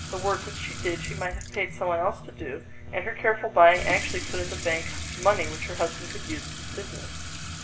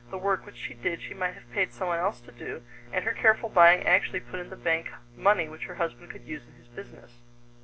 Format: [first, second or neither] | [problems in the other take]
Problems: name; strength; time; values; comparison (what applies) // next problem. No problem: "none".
second | background sound (Sink (filling or washing) / Water tap, faucet); 9 dB below the speech // room echo; dies away in 0.7 s